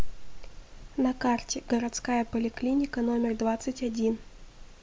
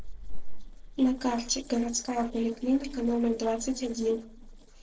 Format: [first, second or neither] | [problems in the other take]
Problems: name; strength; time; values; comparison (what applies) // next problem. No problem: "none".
first | noise reduction (neural separator model SepFormer DNS4)